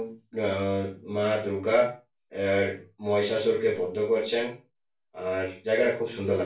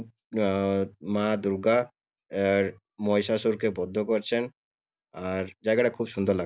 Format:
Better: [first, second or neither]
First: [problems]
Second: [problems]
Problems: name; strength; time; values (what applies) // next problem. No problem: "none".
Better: second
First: room echo; dies away in 0.3 s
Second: none